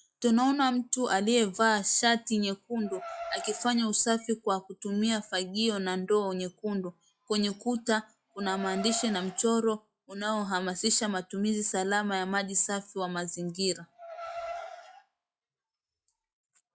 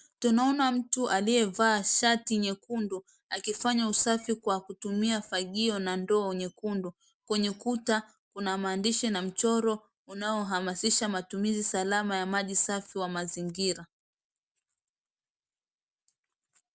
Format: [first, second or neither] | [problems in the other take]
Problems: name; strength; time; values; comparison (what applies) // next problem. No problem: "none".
second | noise reduction (classical method log-MMSE)